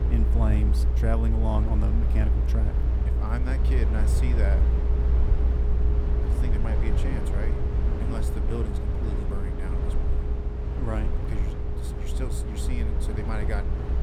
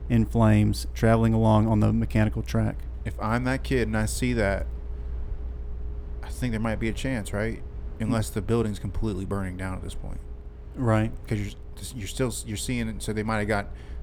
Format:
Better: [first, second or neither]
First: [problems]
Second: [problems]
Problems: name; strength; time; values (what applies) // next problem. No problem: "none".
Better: second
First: low rumble; loud; throughout; 1 dB below the speech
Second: low rumble; faint; throughout; 25 dB below the speech